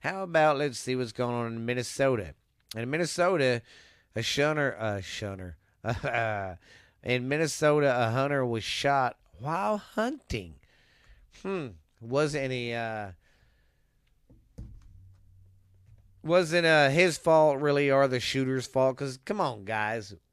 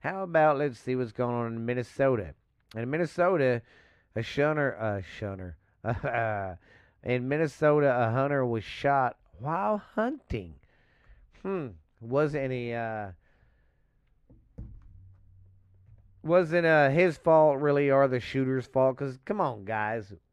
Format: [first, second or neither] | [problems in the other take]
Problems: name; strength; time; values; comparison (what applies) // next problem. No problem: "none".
first | muffled; slightly; fading above 3 kHz